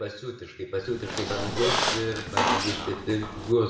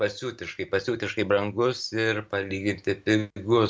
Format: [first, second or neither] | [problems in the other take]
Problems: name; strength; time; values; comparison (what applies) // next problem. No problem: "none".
second | background sound (Squeak); as loud as the speech // room echo; dies away in 0.7 s